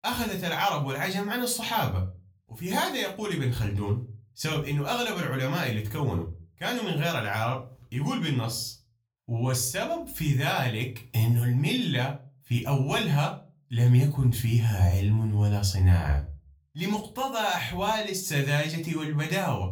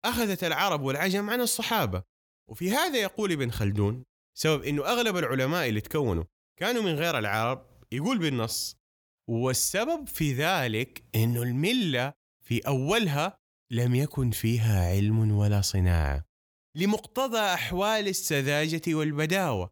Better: second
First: off-mic speech; somewhat distant // room echo; very slight; dies away in 0.3 s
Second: none

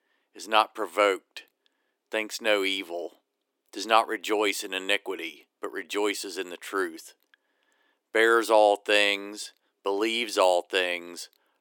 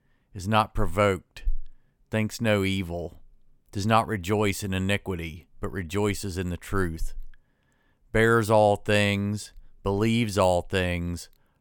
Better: second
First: thin; very; fading below 300 Hz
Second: none

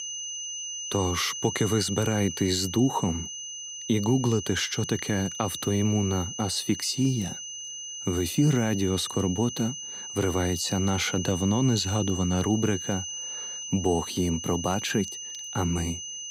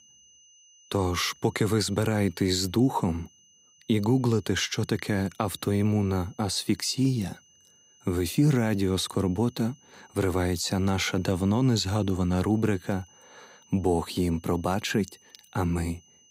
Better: second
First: high-pitched whine; loud; throughout; 6 kHz, 7 dB below the speech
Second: high-pitched whine; faint; throughout; 6 kHz, 30 dB below the speech

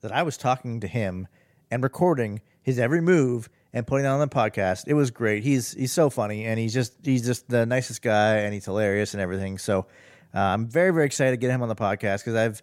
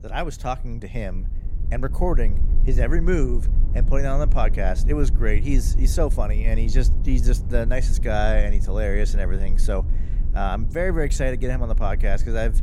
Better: first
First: none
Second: low rumble; noticeable; throughout; 15 dB below the speech

